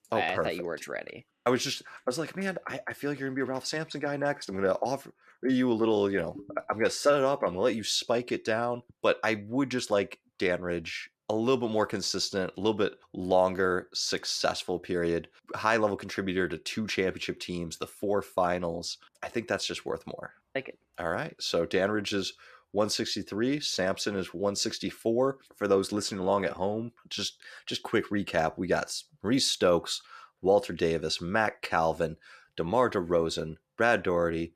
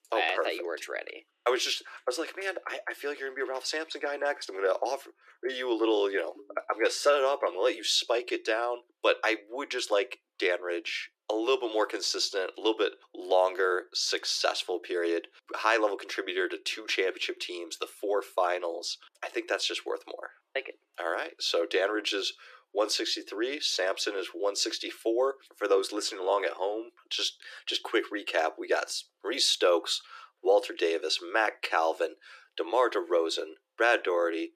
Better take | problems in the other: first | thin; very; fading below 300 Hz

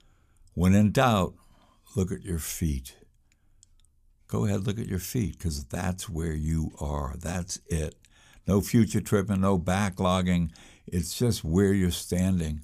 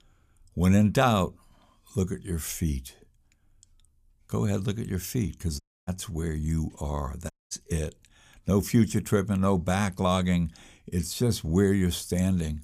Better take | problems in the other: first | audio cutting out; at 5.5 s and at 7.5 s

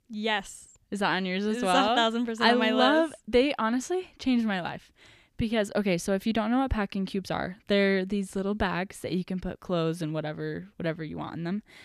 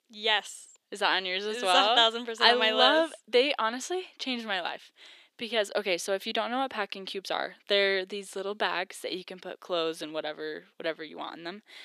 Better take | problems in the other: first | thin; somewhat; fading below 400 Hz

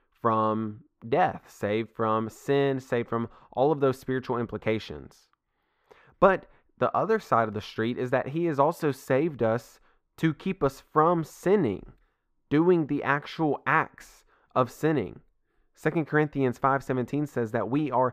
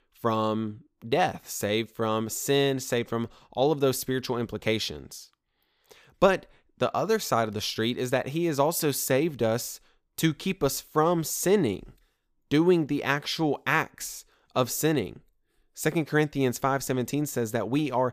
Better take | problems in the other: second | muffled; very; fading above 3 kHz

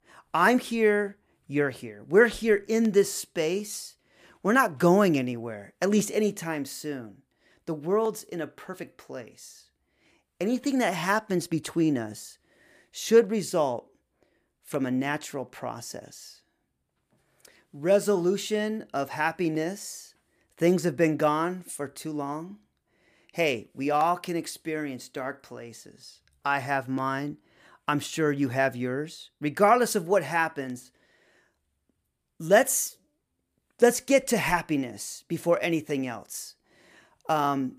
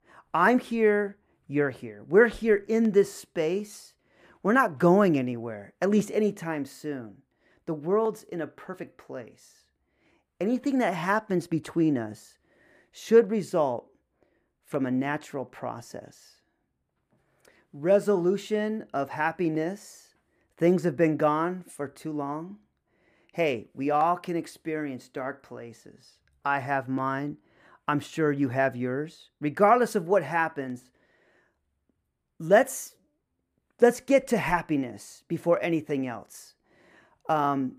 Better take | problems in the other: first | muffled; slightly; fading above 2.5 kHz

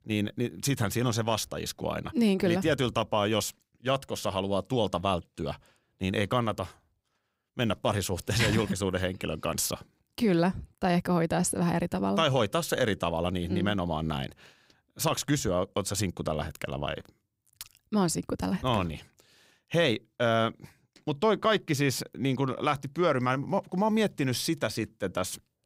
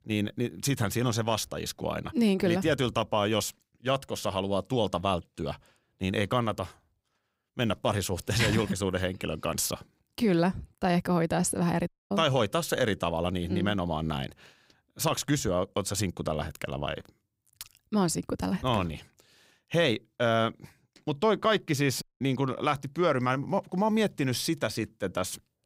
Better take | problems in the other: first | audio cutting out; at 12 s and at 22 s

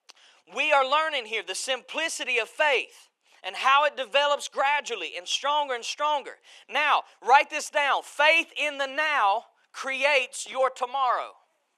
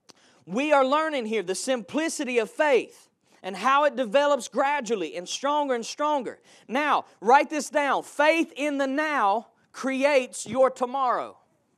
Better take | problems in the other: second | thin; very; fading below 750 Hz

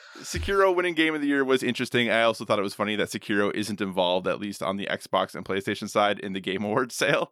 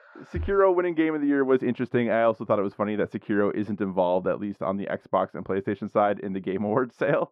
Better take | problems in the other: first | muffled; very; fading above 3 kHz

